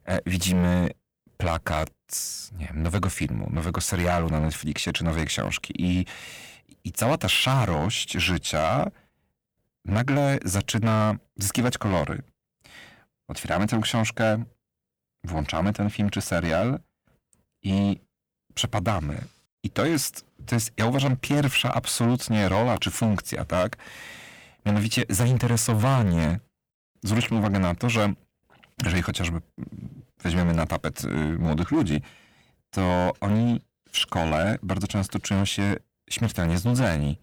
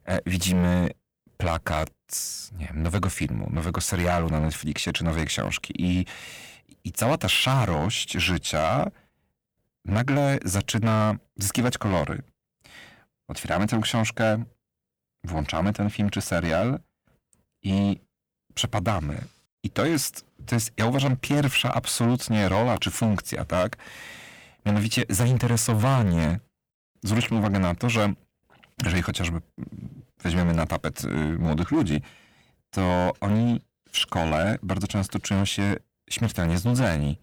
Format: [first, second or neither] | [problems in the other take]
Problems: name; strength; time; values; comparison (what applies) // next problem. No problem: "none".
neither | distortion; slight; 8% of the sound clipped; the same in both